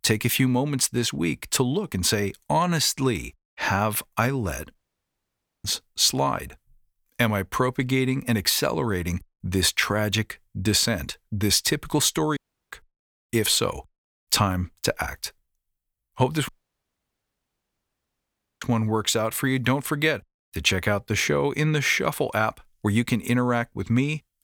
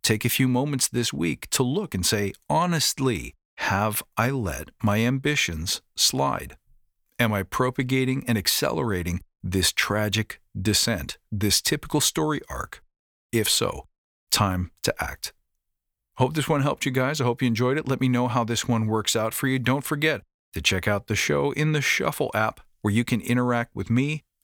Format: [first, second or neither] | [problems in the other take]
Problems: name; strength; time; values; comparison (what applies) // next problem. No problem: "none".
second | audio cutting out; at 5 s for 1 s, at 12 s and at 16 s for 2 s